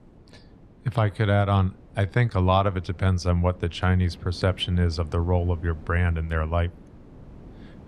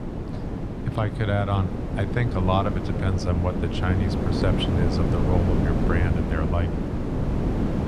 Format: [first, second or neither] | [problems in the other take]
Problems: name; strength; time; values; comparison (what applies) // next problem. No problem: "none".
first | wind noise on the microphone; heavy; 2 dB below the speech; occasional gusts in the first